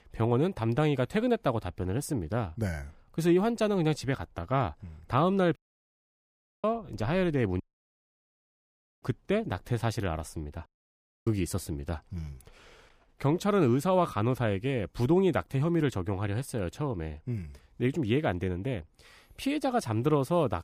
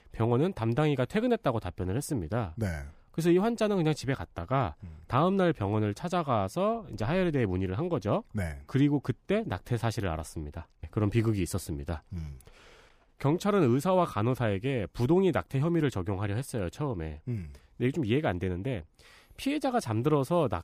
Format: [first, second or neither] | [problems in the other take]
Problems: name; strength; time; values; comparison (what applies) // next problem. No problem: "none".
second | audio cutting out; at 5.5 s for 1 s, at 7.5 s for 1.5 s and at 11 s for 0.5 s